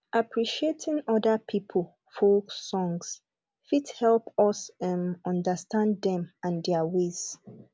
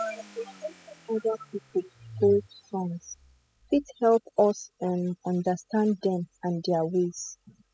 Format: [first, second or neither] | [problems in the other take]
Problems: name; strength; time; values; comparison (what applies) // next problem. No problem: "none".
first | noise reduction (classical method spectral subtraction)